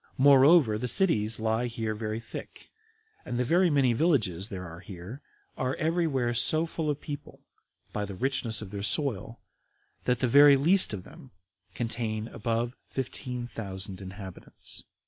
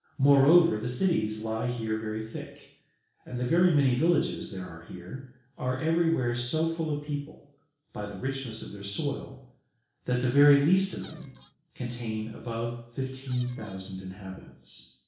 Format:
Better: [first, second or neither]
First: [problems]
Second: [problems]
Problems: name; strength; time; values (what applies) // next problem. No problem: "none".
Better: first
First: none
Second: noise reduction (neural separator model SepFormer DNS4)